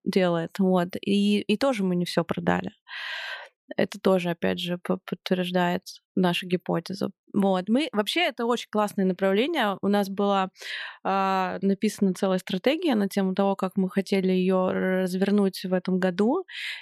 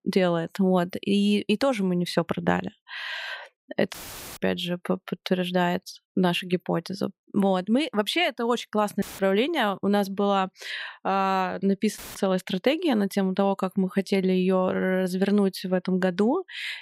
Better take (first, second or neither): first